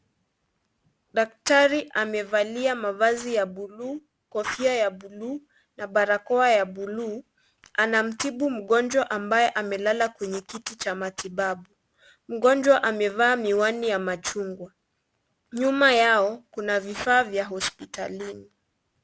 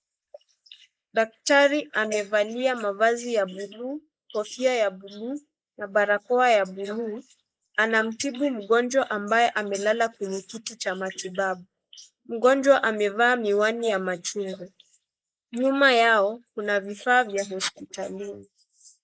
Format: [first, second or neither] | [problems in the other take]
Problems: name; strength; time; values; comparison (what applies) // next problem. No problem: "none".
first | noise reduction (neural mask model Resemble Enhance denoiser)